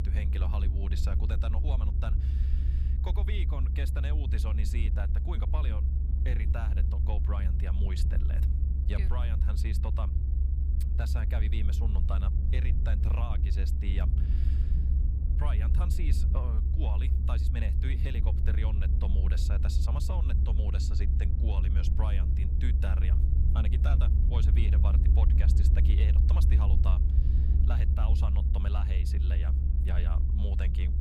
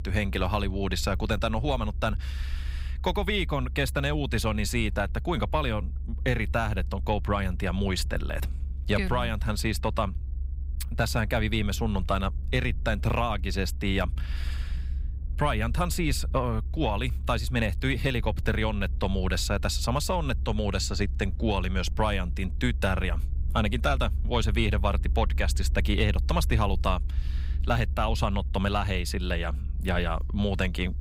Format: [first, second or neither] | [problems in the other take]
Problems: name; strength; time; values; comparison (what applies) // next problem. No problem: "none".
second | low rumble; loud; throughout; 2 dB below the speech; faint in the second